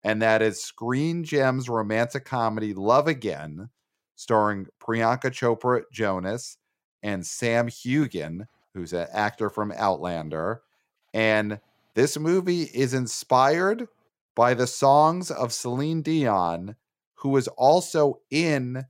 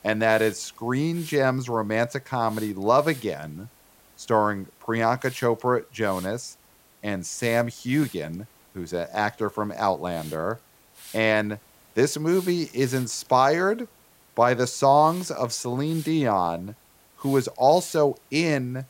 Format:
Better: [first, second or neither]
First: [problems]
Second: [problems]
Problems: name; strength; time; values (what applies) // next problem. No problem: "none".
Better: first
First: none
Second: hiss; faint; throughout; 25 dB below the speech